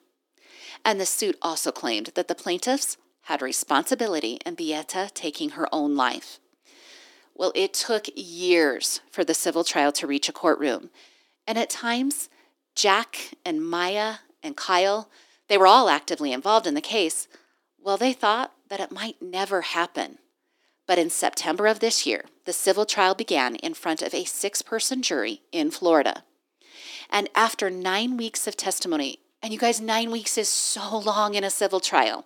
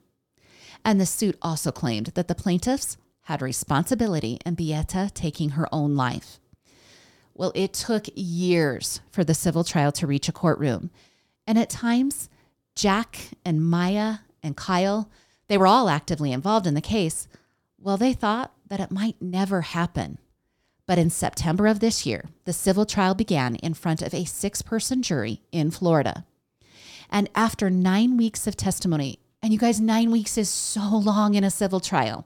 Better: second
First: thin; somewhat; fading below 300 Hz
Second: none

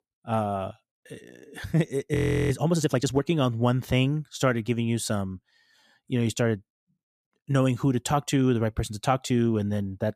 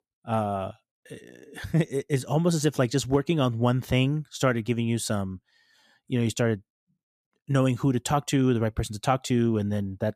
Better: second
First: audio freezing; at 2 s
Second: none

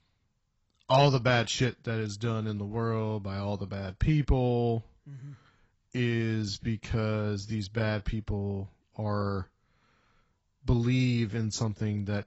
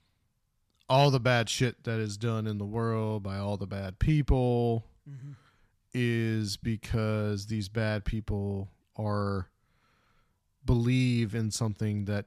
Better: second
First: garbled, watery; badly; nothing above 8 kHz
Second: none

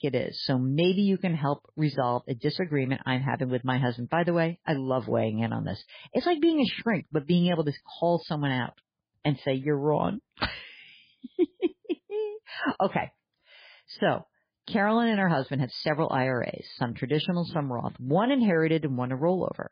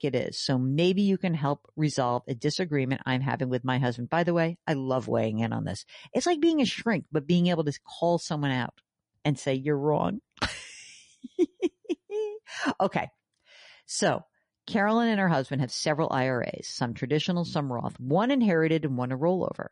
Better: second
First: garbled, watery; badly; nothing above 4.5 kHz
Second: garbled, watery; slightly; nothing above 10.5 kHz

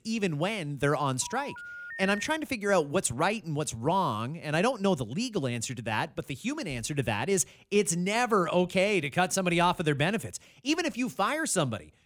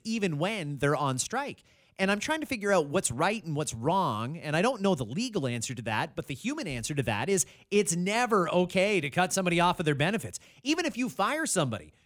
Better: second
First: phone ringing; noticeable; from 1 to 2.5 s; peak 9 dB below the speech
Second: none

